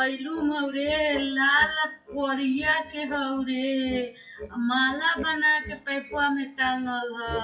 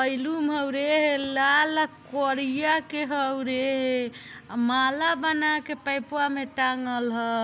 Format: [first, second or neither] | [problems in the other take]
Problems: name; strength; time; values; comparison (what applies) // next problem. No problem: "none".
second | noise reduction (classical method WPE with log-MMSE)